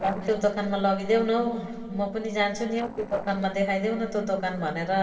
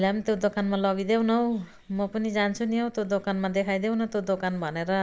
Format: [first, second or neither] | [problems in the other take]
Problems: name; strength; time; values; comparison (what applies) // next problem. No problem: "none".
second | noise reduction (neural separator model SepFormer DNS4)